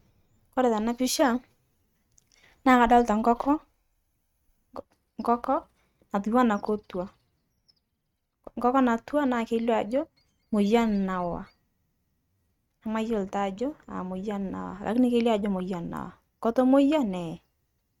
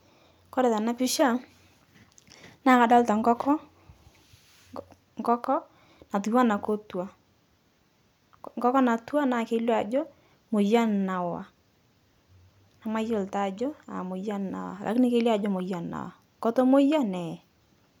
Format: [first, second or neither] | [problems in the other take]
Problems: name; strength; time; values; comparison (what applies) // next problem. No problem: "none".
second | noise reduction (neural mask model RNNoise)